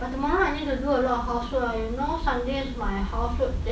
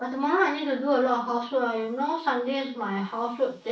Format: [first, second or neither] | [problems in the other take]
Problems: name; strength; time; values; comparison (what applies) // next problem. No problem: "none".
first | noise reduction (neural mask model Resemble Enhance denoiser)